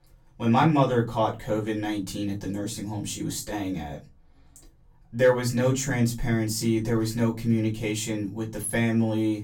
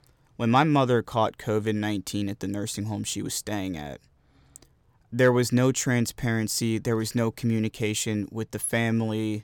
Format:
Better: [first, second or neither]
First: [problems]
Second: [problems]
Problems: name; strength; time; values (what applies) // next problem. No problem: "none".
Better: second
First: off-mic speech; far // room echo; very slight; dies away in 0.2 s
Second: none